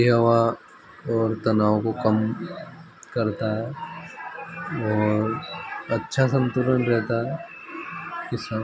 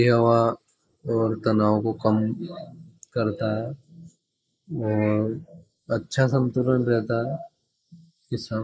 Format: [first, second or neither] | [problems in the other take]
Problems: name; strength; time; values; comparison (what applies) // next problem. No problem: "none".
first | noise reduction (neural mask model Resemble Enhance denoiser)